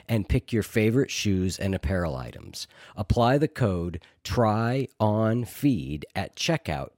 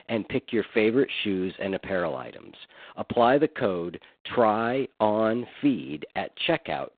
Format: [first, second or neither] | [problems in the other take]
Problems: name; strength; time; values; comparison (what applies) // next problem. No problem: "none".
first | phone-call audio; poor line; nothing above 3.5 kHz